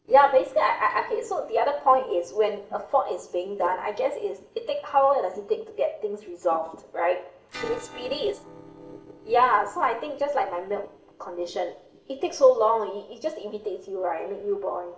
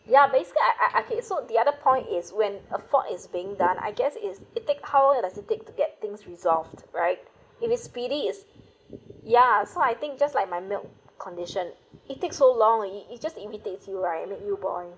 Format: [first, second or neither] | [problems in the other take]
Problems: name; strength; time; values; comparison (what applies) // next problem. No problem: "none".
second | noise reduction (neural separator model SepFormer DNS4)